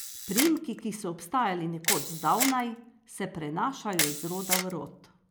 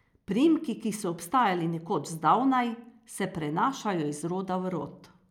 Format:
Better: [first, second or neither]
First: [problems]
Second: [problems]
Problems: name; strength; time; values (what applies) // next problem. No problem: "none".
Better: second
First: background sound (Camera); 4 dB below the speech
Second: none